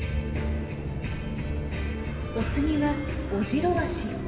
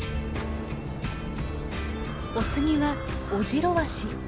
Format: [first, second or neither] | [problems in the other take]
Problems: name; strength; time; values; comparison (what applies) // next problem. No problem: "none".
second | room echo; dies away in 2.1 s